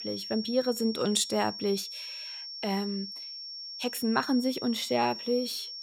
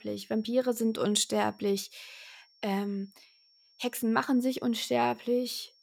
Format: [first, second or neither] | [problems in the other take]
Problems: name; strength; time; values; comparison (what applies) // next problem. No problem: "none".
second | high-pitched whine; loud; throughout; 5.5 kHz, 8 dB below the speech; faint in the second